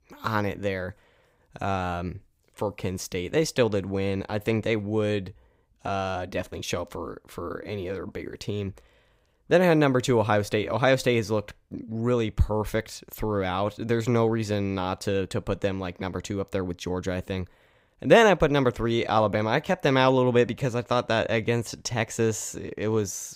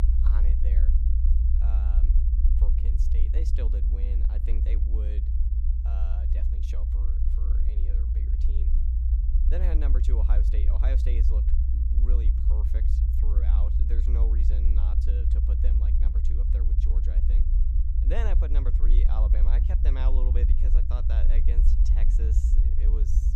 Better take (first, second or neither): first